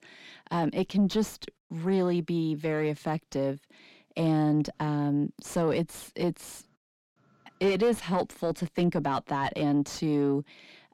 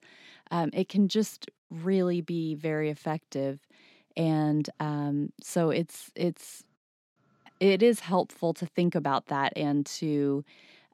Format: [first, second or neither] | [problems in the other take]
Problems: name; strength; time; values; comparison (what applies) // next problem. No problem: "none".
second | distortion; slight; 9 dB below the speech